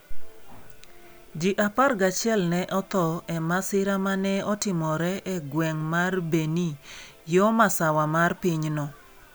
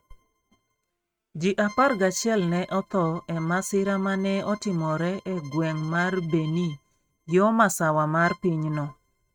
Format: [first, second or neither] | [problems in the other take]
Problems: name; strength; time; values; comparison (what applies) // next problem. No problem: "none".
first | noise reduction (neural mask model RNNoise)